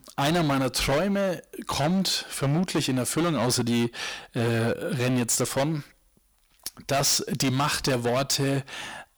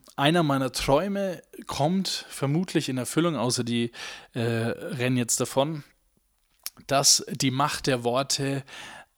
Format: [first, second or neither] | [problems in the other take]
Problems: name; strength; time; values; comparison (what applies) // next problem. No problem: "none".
second | distortion; heavy; 19% of the sound clipped